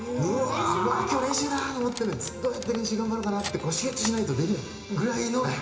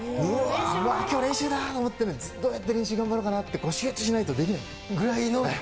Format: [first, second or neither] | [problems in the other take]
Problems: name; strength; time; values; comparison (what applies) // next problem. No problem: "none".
second | background sound (Cutlery, silverware); 16 dB below the speech // room echo; dies away in 0.8 s